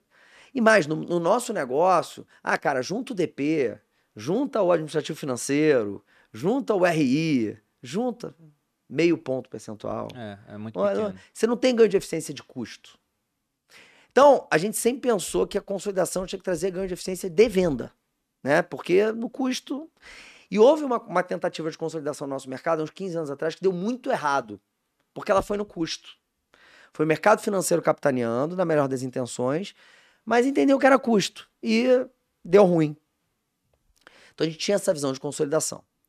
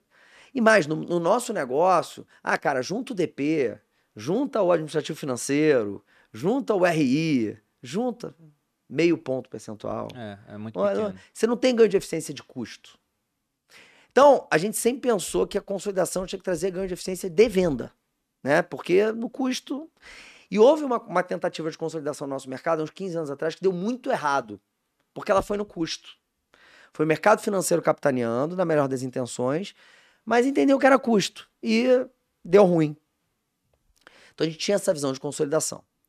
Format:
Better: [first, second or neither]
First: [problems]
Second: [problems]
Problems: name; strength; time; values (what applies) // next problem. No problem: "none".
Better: neither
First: none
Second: none